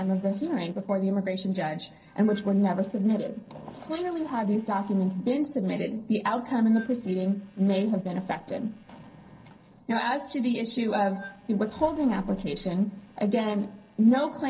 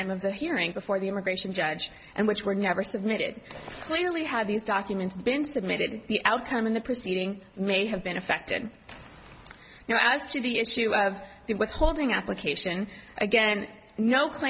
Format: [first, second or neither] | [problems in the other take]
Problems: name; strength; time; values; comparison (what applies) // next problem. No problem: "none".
second | noise reduction (neural separator model SepFormer DNS4)